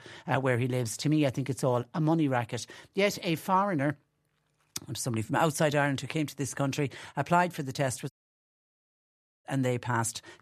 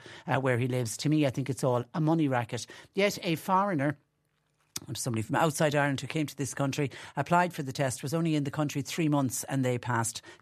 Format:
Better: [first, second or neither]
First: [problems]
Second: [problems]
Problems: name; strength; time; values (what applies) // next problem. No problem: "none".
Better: second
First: audio cutting out; at 8 s for 1.5 s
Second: none